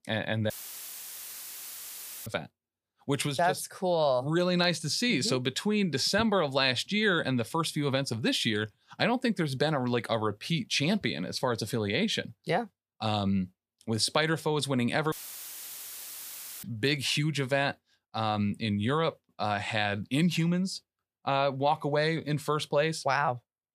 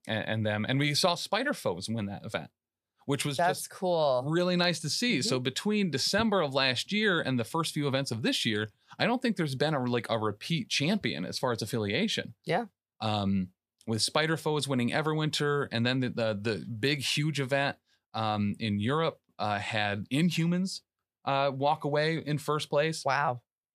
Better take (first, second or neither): second